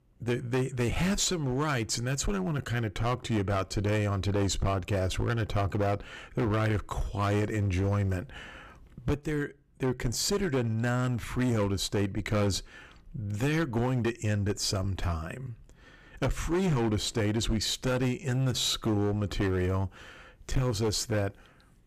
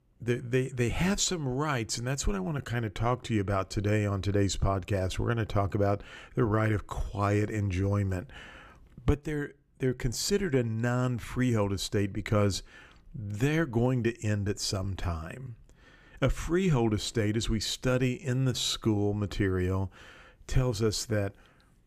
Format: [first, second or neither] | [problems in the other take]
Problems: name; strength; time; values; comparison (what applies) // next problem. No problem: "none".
second | distortion; slight; 12% of the sound clipped